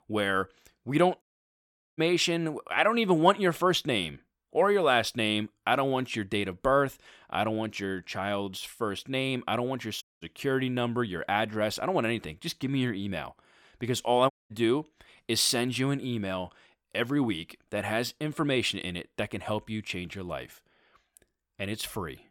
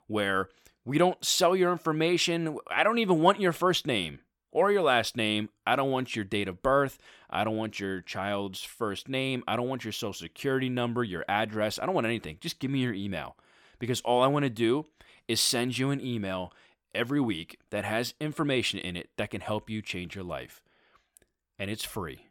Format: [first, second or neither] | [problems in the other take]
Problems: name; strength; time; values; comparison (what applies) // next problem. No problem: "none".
second | audio cutting out; at 1 s for 1 s, at 10 s and at 14 s